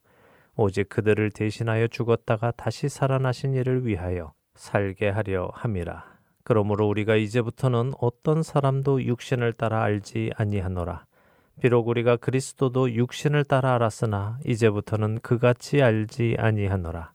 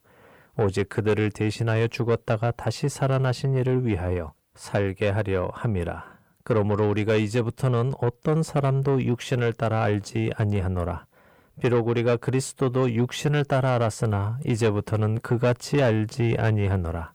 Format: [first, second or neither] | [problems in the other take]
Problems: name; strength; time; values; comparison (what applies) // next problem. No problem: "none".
first | distortion; slight; 10 dB below the speech